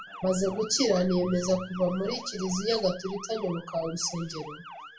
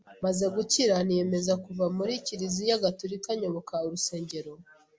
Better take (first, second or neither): second